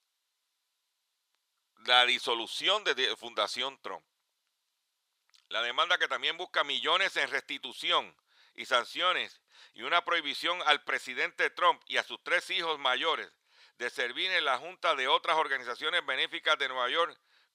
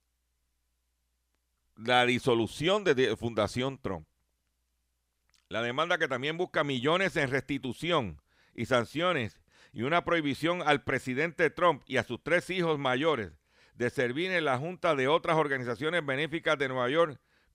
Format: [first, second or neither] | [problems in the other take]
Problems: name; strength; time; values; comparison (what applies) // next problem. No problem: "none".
second | thin; very; fading below 650 Hz